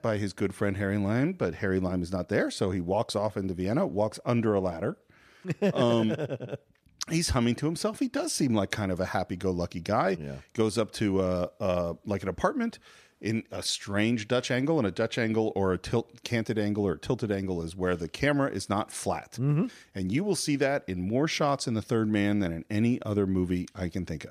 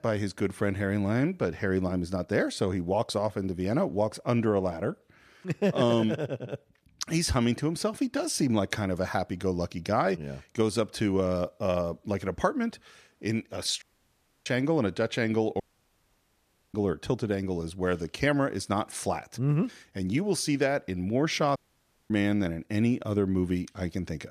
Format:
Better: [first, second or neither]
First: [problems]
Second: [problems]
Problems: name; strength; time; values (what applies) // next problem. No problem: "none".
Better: first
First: none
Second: audio cutting out; at 14 s for 0.5 s, at 16 s for 1 s and at 22 s for 0.5 s